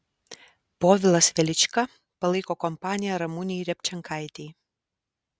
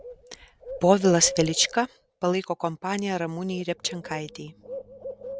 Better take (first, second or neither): first